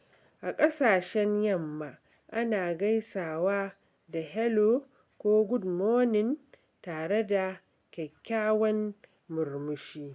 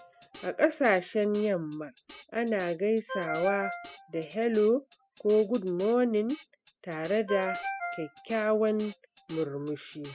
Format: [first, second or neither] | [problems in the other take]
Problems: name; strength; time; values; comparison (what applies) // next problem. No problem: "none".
first | noise reduction (classical method spectral subtraction)